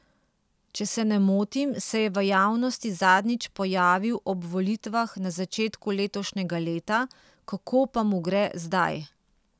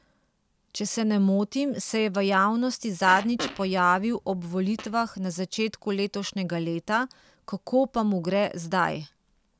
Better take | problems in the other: first | background sound (Fart); 14 dB below the speech

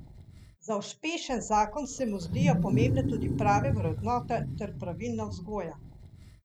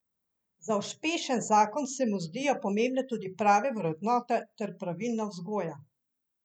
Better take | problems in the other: second | background sound (Wild animals); as loud as the speech

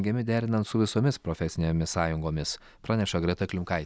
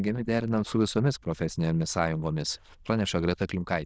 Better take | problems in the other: first | noise reduction (neural diffusion model UNIVERSE++)

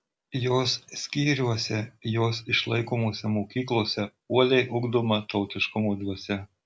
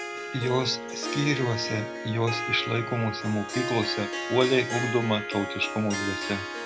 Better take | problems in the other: first | background sound (Harp); 5 dB below the speech

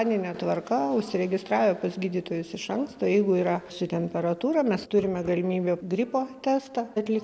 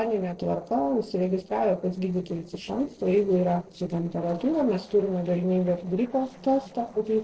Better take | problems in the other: first | noise reduction (neural separator model SepFormer DNS4)

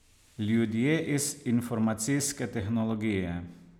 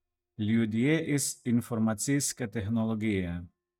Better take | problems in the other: first | noise reduction (neural mask model DeepFilterNet 3)

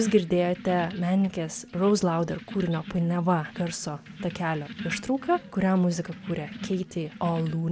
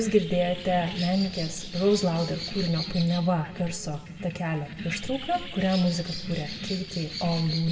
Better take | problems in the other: first | background sound (Bird); 11 dB below the speech // room echo; dies away in 1.2 s

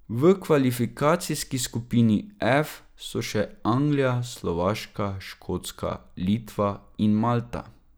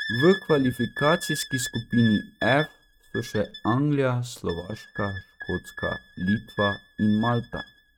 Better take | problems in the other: first | noise reduction (neural mask model RNNoise)

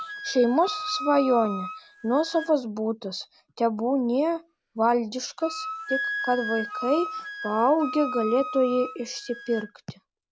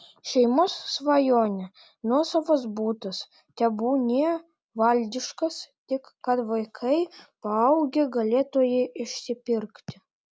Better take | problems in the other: second | background sound (Wind instrument, woodwind instrument); 10 dB below the speech

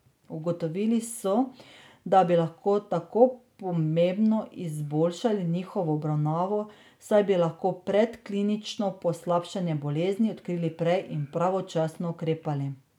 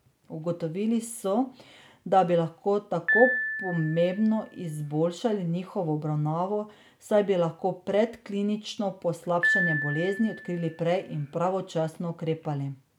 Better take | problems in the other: first | background sound (Piano); 8 dB below the speech

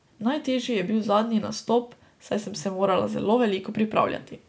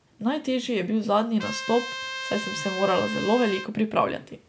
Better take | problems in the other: first | background sound (Trumpet); 9 dB below the speech

